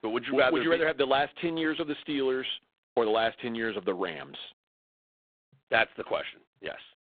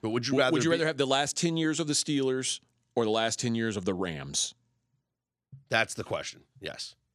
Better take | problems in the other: second | phone-call audio; poor line; nothing above 3.5 kHz

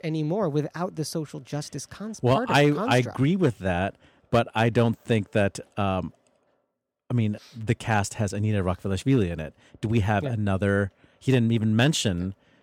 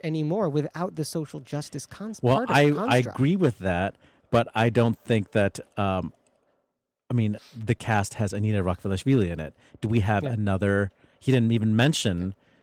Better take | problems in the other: first | garbled, watery; slightly; nothing above 18.5 kHz

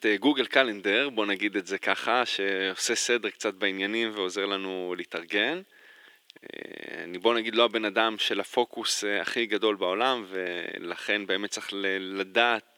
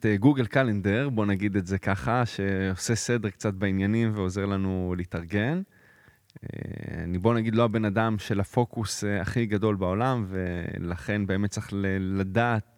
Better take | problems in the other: second | thin; somewhat; fading below 350 Hz

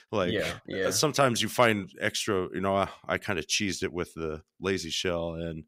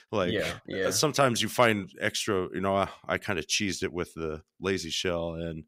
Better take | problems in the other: neither | none

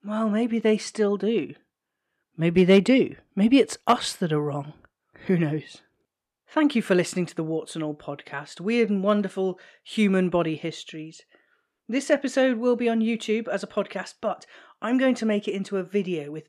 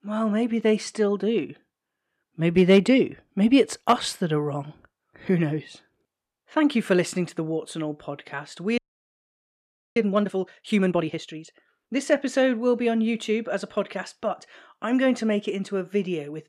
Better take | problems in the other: first | audio freezing; at 9 s for 1 s

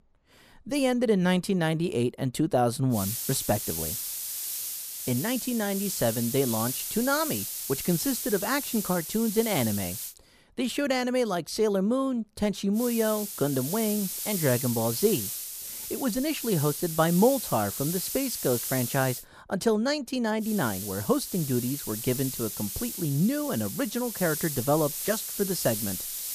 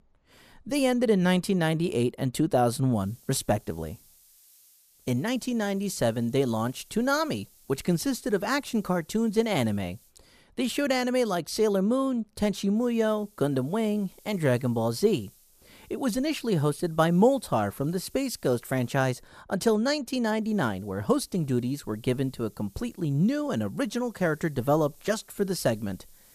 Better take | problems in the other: second | hiss; loud; from 3 to 10 s, from 13 to 19 s and from 20 s on; 4 dB below the speech; faint in the second

